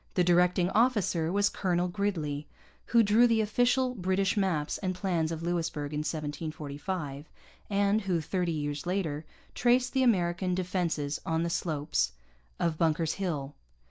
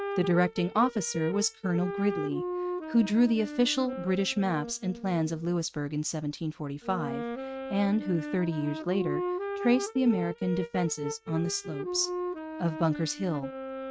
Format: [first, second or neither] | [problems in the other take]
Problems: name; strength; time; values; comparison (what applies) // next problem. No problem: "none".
first | noise reduction (neural mask model RNNoise)